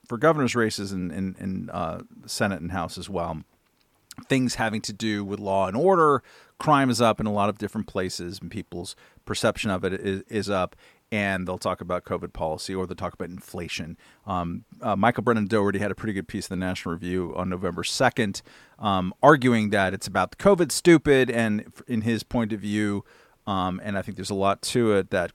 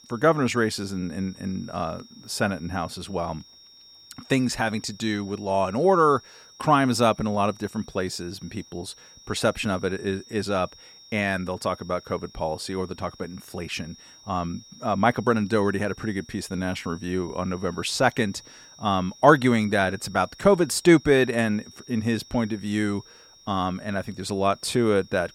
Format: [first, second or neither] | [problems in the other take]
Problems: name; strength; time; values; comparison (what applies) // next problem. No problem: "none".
first | high-pitched whine; faint; throughout; 5.5 kHz, 25 dB below the speech